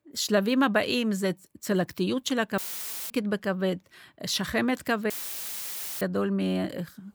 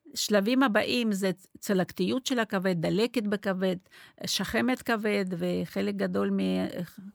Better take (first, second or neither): second